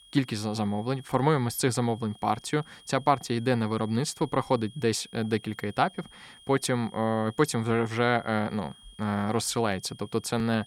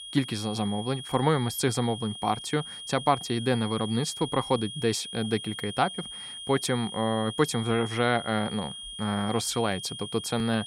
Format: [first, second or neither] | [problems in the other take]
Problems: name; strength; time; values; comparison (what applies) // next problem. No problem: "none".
first | high-pitched whine; loud; throughout; 3 kHz, 9 dB below the speech; faint in the first